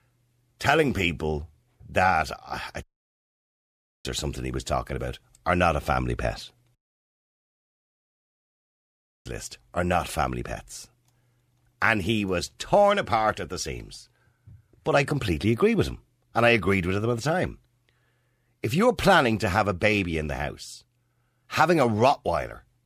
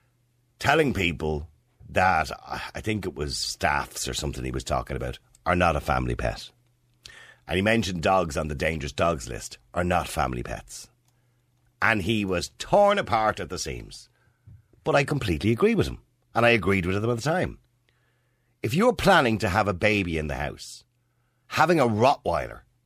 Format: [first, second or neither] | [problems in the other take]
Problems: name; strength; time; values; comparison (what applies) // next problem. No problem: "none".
second | audio cutting out; at 3 s for 1 s and at 7 s for 2.5 s